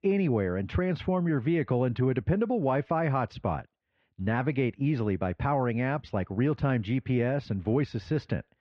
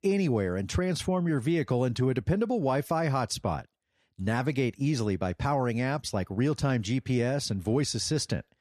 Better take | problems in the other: second | muffled; very; fading above 3 kHz

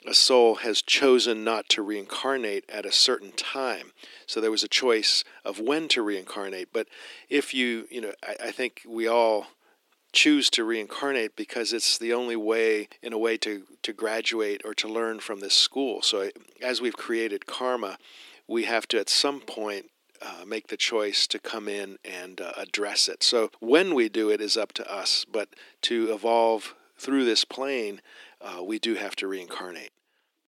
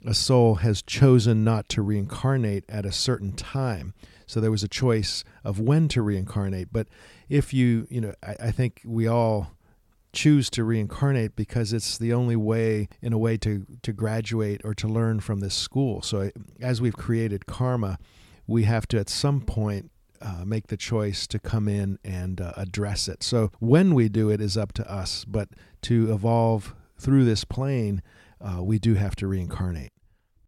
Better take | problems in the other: second | thin; very; fading below 300 Hz

